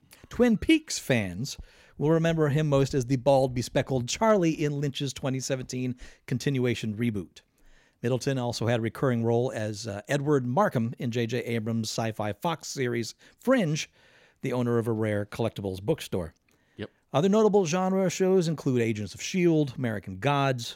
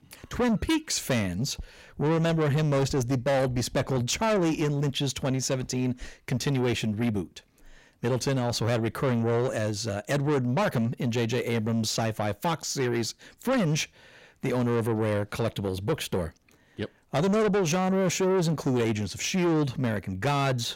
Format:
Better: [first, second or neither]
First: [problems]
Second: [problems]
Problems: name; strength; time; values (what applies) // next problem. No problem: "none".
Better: first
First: none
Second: distortion; heavy; 8 dB below the speech